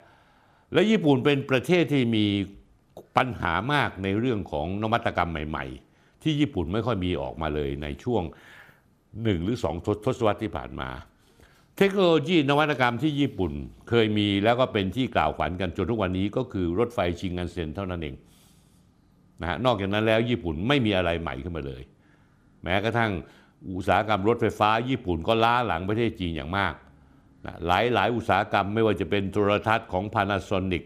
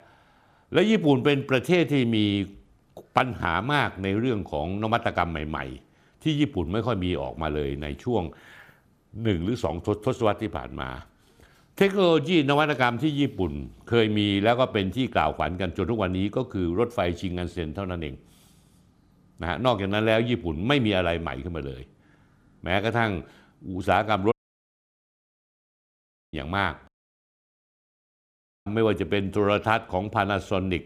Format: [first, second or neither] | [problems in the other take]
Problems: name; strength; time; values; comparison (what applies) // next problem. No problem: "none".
first | audio cutting out; at 24 s for 2 s and at 27 s for 2 s